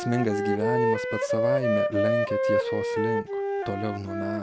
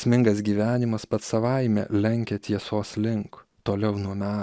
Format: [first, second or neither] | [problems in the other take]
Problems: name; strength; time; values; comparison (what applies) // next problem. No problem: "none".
second | background sound (Wind instrument, woodwind instrument); 4 dB above the speech